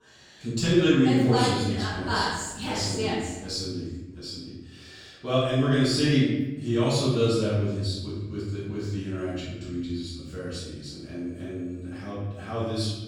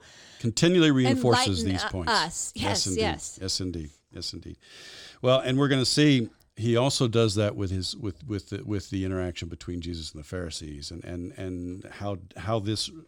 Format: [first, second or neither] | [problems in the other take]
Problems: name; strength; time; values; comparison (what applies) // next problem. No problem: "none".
second | off-mic speech; far // room echo; strong; dies away in 1 s